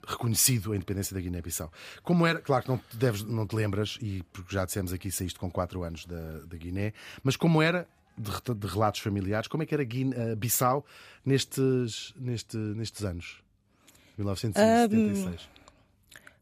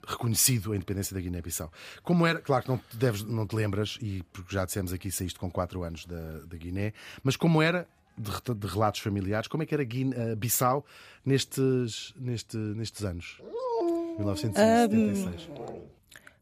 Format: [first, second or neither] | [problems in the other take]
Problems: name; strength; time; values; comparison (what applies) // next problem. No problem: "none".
first | dog barking; loud; from 13 to 16 s; peak level with the speech